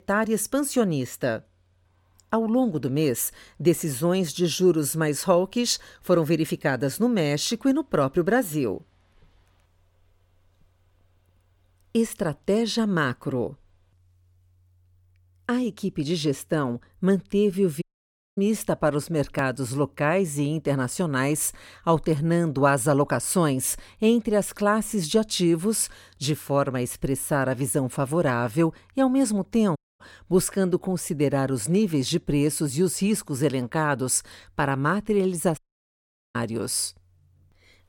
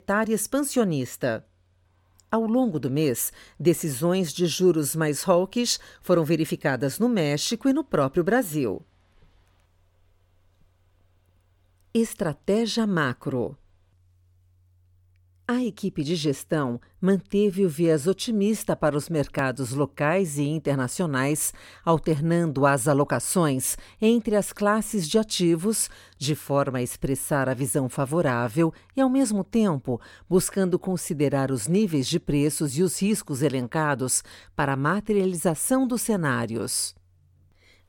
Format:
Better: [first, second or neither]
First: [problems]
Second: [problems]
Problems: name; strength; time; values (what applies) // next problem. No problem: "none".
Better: second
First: audio cutting out; at 18 s for 0.5 s, at 30 s and at 36 s for 1 s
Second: none